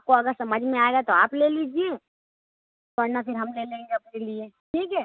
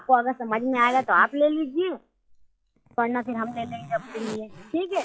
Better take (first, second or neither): first